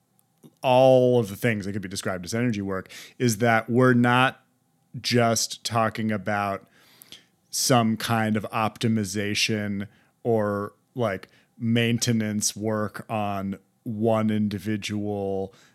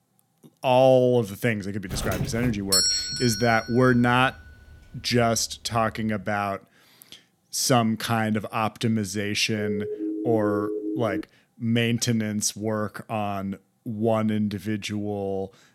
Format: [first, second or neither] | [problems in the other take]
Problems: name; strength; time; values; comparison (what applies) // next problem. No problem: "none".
first | doorbell; loud; from 2 to 3.5 s; peak 5 dB above the speech // siren; noticeable; from 9.5 to 11 s; peak 3 dB below the speech